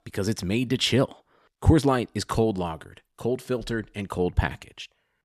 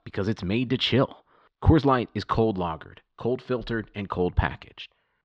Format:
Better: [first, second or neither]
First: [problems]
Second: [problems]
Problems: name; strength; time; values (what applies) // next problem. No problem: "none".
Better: first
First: none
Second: muffled; slightly; fading above 4 kHz